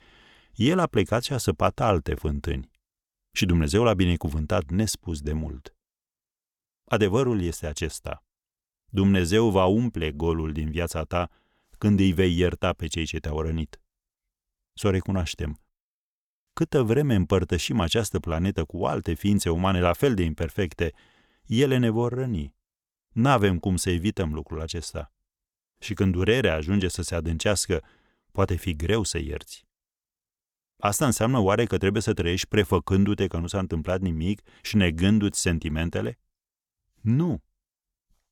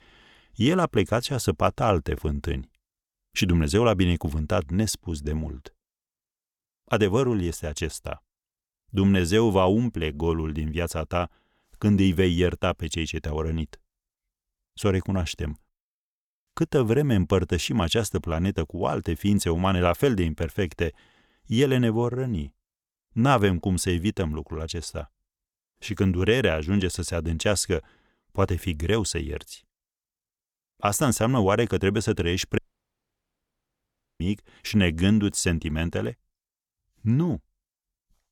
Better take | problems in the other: first | audio cutting out; at 33 s for 1.5 s

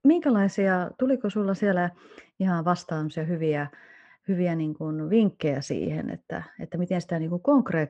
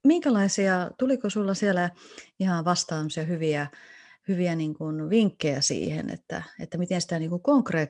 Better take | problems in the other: second | muffled; very; fading above 3.5 kHz

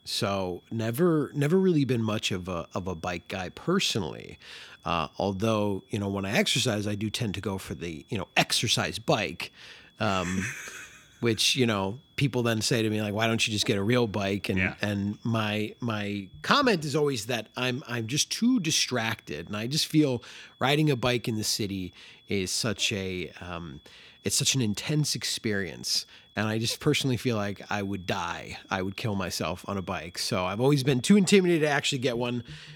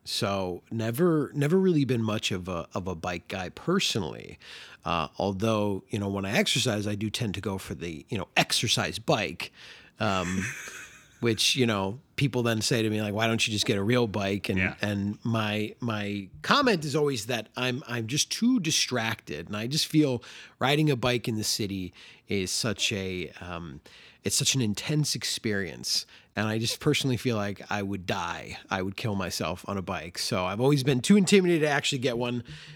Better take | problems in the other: second | high-pitched whine; faint; throughout; 3.5 kHz, 30 dB below the speech

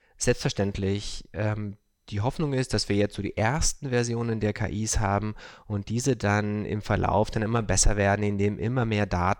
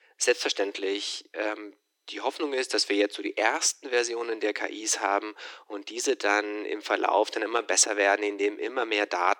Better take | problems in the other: first | thin; very; fading below 300 Hz

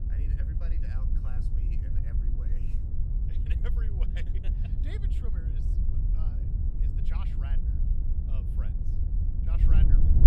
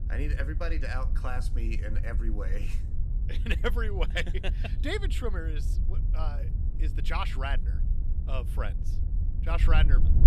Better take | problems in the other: second | wind noise on the microphone; heavy; 2 dB above the speech; occasional gusts in the second

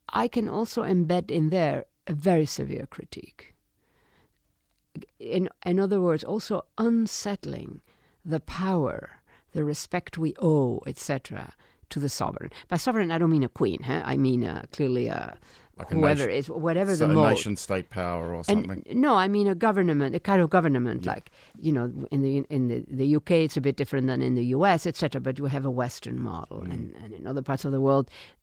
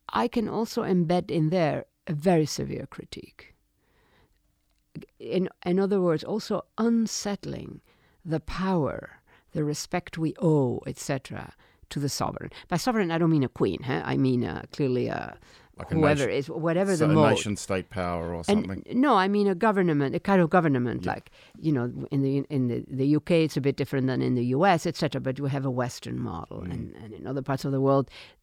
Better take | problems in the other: second | garbled, watery; slightly

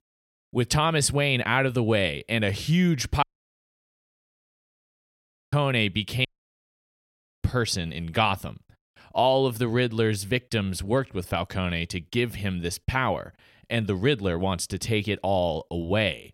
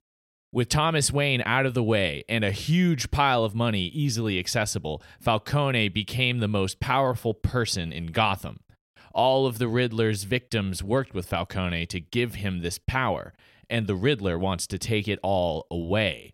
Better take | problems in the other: second | audio cutting out; at 3 s for 2.5 s and at 6.5 s for 1 s

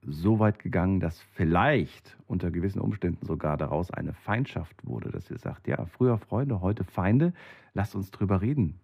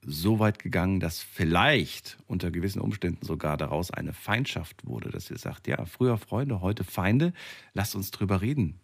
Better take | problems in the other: second | muffled; very; fading above 2.5 kHz

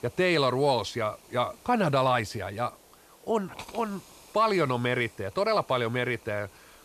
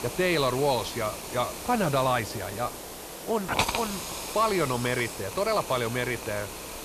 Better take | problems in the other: first | hiss; loud; throughout; 6 dB below the speech; faint in the first

